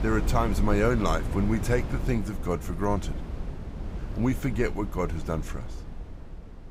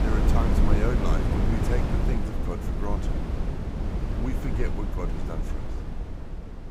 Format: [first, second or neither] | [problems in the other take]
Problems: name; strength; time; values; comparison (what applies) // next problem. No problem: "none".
first | wind noise on the microphone; heavy; as loud as the speech; occasional gusts in the first